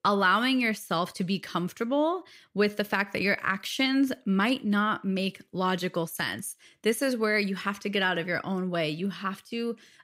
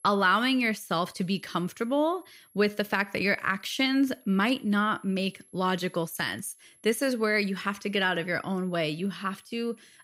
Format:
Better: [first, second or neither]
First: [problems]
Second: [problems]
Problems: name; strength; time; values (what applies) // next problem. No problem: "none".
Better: first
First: none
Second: high-pitched whine; faint; throughout; 11 kHz, 30 dB below the speech